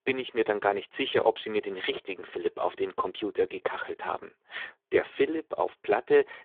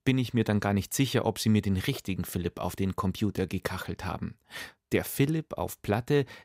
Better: second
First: phone-call audio; poor line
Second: none

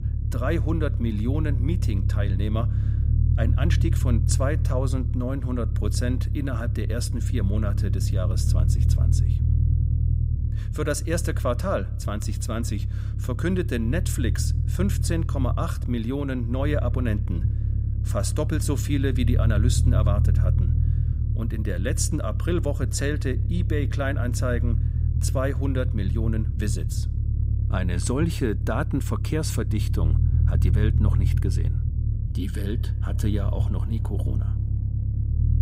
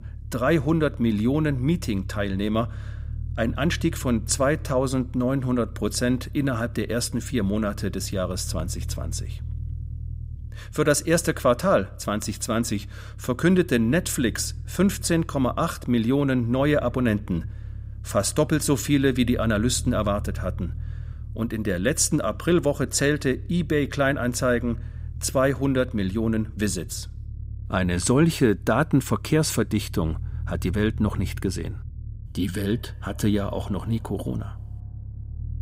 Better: second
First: low rumble; loud; throughout; 8 dB below the speech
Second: low rumble; faint; throughout; 25 dB below the speech

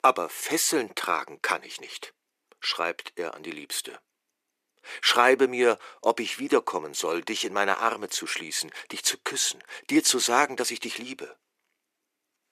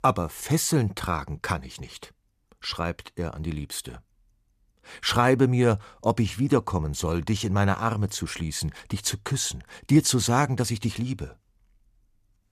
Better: second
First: thin; very; fading below 350 Hz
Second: none

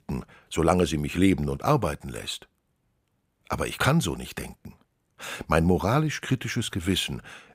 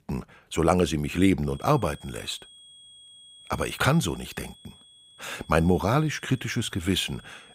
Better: first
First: none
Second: high-pitched whine; faint; from 1.5 s on; 3.5 kHz, 25 dB below the speech

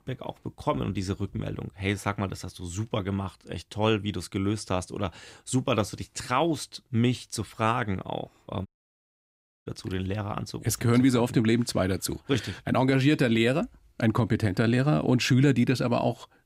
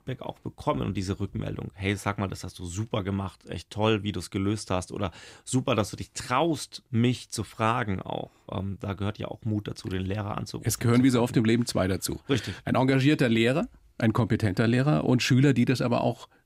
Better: second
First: audio cutting out; at 8.5 s for 1 s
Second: none

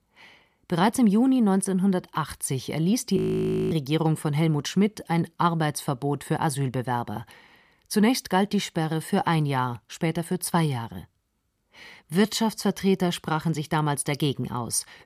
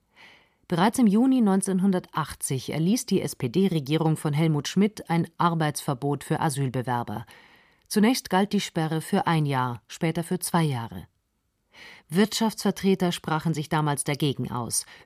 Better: second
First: audio freezing; at 3 s for 0.5 s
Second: none

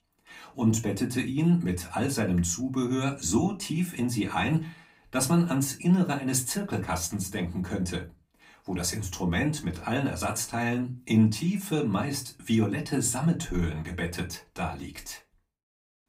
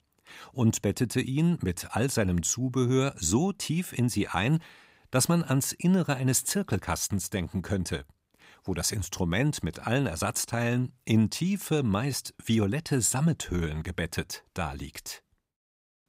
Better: second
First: off-mic speech; far // room echo; very slight; dies away in 0.2 s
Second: none

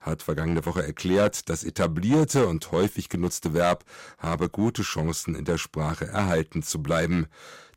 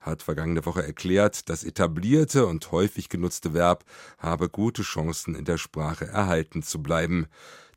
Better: second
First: distortion; slight; 4% of the sound clipped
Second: none

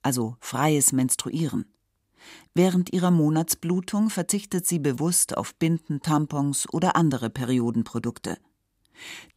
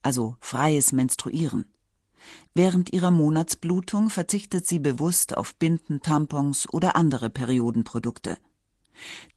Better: first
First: none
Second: garbled, watery; slightly; nothing above 15.5 kHz

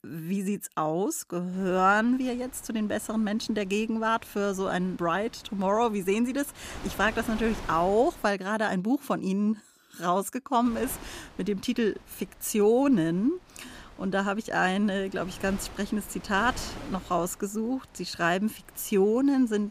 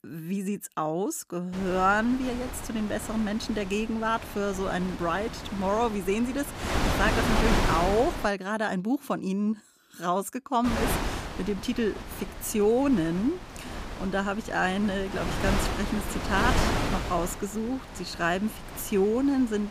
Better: first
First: wind noise on the microphone; occasional gusts; from 1.5 to 8.5 s and from 11 s on; 20 dB below the speech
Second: wind noise on the microphone; heavy; from 1.5 to 8.5 s and from 11 s on; 5 dB below the speech

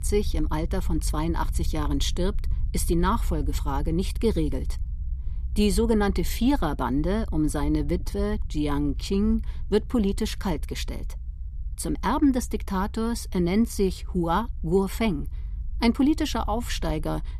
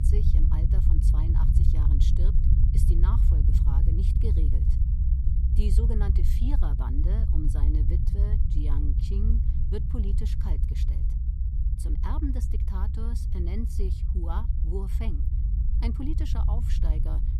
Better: first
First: low rumble; faint; throughout; 25 dB below the speech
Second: low rumble; loud; throughout; 1 dB below the speech

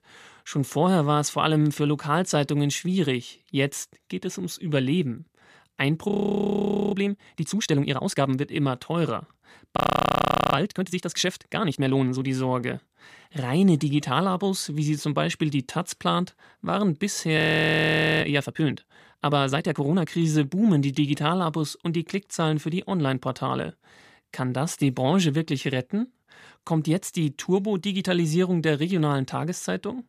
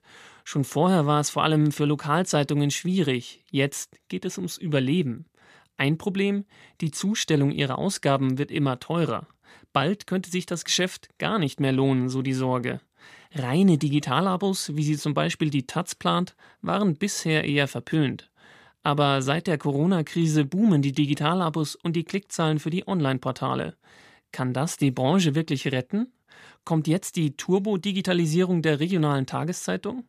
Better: second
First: audio freezing; at 6 s for 1 s, at 10 s for 1 s and at 17 s for 1 s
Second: none

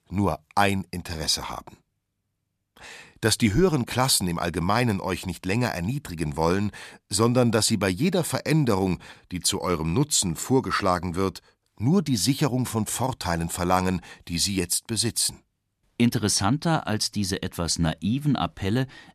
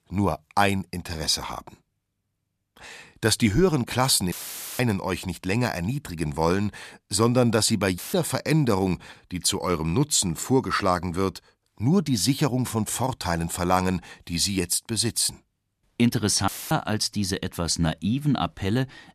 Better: first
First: none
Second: audio cutting out; filled with static; at 4.5 s, at 8 s and at 16 s

